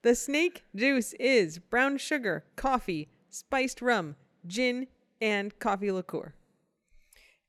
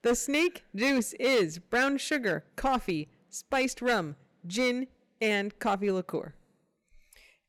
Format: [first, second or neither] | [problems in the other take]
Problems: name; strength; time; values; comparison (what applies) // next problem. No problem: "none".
first | distortion; slight; 5% of the sound clipped